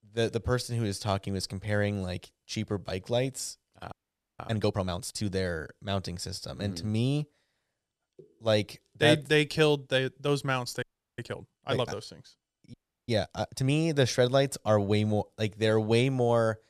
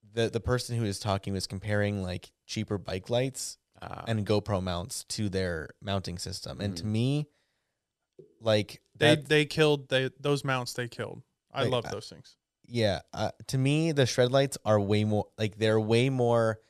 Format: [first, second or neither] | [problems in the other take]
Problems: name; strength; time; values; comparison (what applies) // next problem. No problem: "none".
second | audio freezing; at 4 s, at 11 s and at 13 s